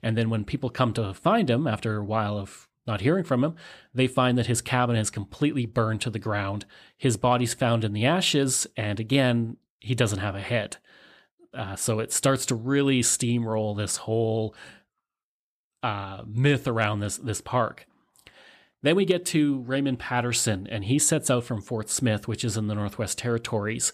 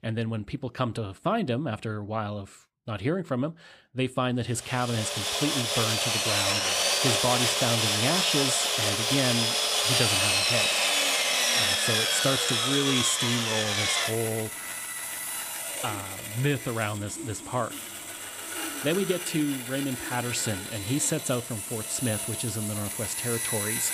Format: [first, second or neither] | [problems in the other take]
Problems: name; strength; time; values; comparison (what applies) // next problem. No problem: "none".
first | machinery noise; very loud; from 5 s on; 4 dB above the speech